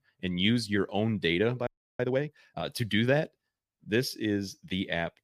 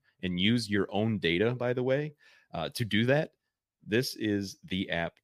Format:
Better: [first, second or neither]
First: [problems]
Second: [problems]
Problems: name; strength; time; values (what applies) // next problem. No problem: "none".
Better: second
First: audio freezing; at 1.5 s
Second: none